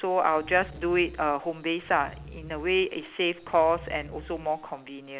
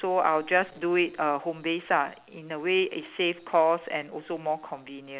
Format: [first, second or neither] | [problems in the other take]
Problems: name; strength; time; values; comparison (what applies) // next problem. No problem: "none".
second | background sound (Growling); 18 dB below the speech